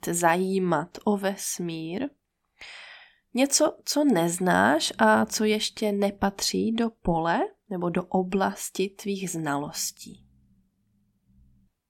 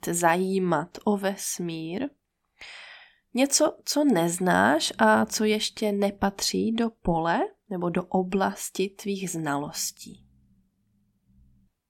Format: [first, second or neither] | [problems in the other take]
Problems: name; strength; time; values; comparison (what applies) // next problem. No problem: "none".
neither | none